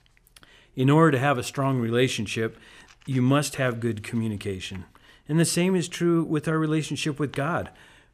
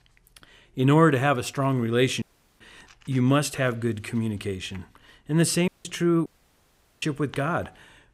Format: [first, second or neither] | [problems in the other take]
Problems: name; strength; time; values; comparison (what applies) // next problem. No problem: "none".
first | audio cutting out; at 2 s, at 5.5 s and at 6.5 s for 1 s